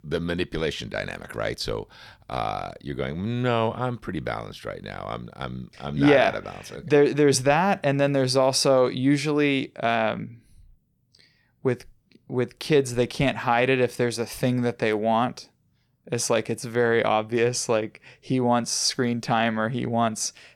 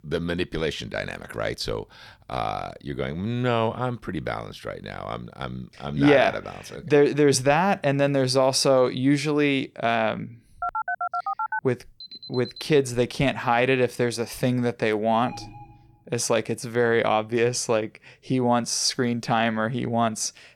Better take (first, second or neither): first